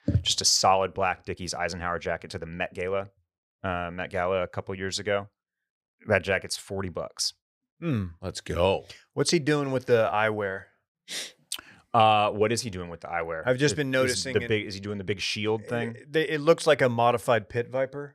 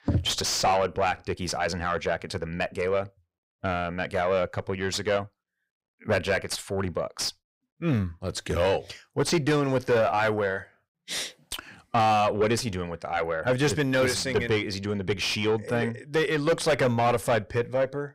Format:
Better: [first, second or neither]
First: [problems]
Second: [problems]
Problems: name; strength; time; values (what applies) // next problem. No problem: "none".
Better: first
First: none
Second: distortion; heavy; 7 dB below the speech